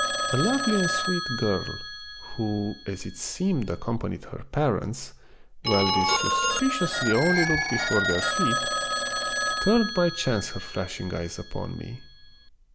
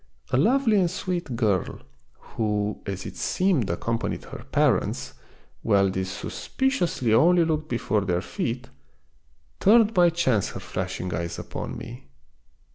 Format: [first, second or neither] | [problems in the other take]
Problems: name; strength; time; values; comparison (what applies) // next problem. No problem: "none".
second | background sound (Telephone); 2 dB below the speech